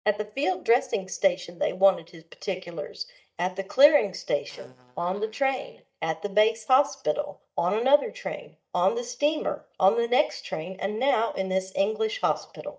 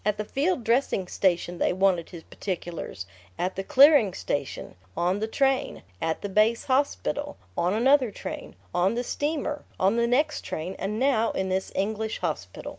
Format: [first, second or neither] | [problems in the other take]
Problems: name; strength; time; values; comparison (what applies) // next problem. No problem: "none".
second | noise reduction (neural mask model DeepFilterNet 3)